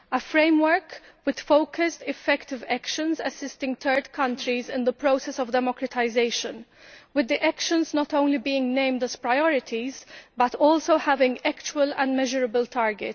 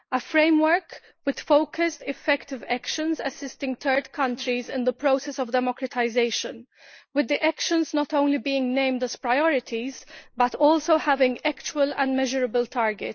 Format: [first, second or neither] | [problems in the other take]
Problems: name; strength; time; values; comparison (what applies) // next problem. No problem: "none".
first | noise reduction (neural mask model Resemble Enhance denoiser)